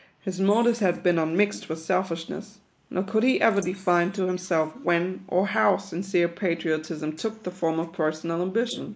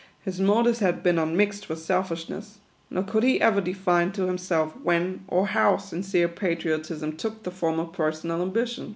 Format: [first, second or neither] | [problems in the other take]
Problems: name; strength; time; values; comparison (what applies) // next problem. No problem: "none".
second | noise reduction (neural mask model Resemble Enhance denoiser)